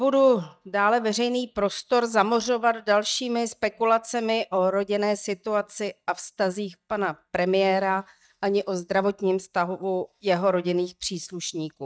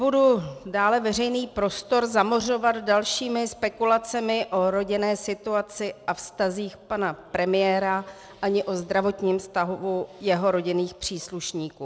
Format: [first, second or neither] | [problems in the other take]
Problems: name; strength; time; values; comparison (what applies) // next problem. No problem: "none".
second | noise reduction (neural mask model DeepFilterNet 3)